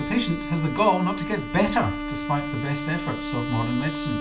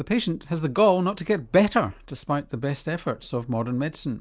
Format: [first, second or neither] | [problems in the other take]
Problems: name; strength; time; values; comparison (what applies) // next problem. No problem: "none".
second | background sound (Bowed string instrument); 5 dB below the speech // room echo; dies away in 0.3 s